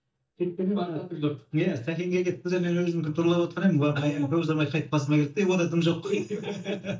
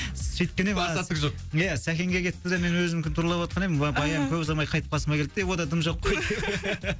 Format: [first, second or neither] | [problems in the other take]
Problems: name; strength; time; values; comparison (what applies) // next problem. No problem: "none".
second | noise reduction (neural mask model DeepFilterNet 3)